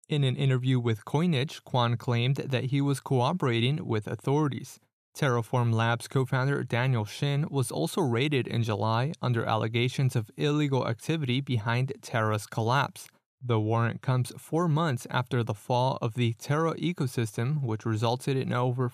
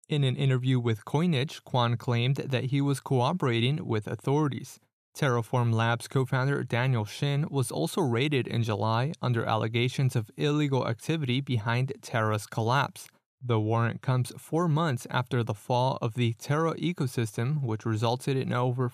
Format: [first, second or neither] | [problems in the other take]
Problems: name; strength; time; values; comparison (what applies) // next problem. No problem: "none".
neither | none